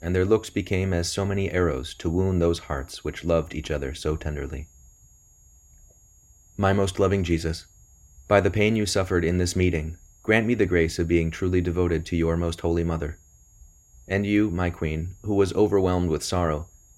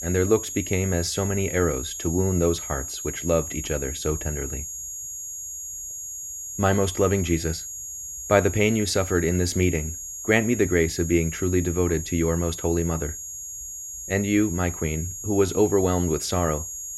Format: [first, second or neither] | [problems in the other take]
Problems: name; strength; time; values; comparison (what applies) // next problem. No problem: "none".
first | high-pitched whine; loud; throughout; 6.5 kHz, 8 dB below the speech; faint in the first